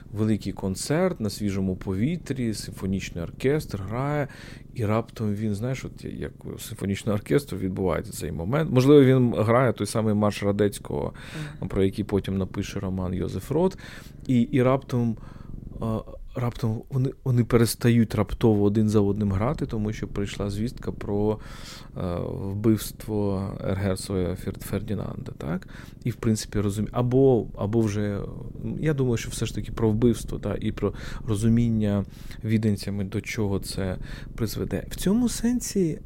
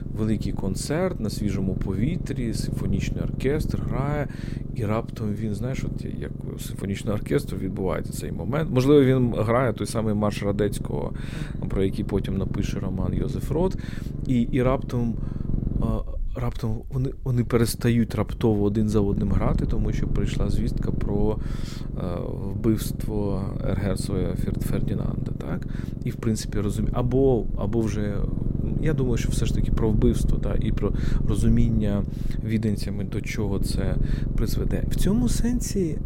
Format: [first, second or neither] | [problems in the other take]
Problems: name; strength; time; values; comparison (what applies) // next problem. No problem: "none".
first | low rumble; loud; throughout; 9 dB below the speech; faint in the first